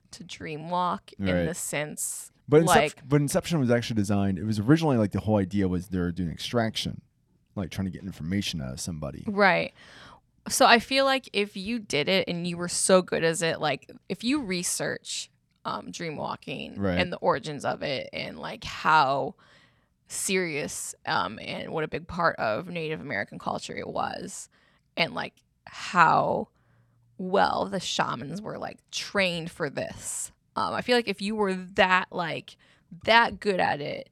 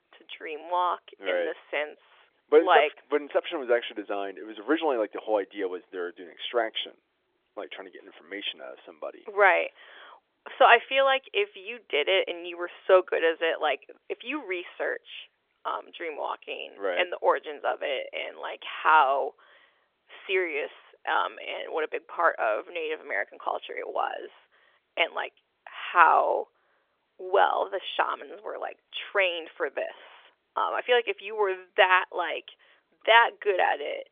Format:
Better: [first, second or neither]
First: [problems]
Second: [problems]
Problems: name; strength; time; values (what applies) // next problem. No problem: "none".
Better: first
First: none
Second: phone-call audio; nothing above 3.5 kHz